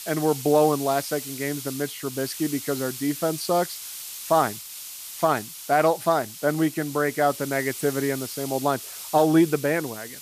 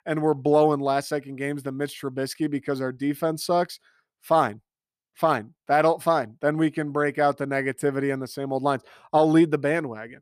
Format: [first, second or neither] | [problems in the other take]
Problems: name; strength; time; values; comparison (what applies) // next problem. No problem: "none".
second | hiss; noticeable; throughout; 10 dB below the speech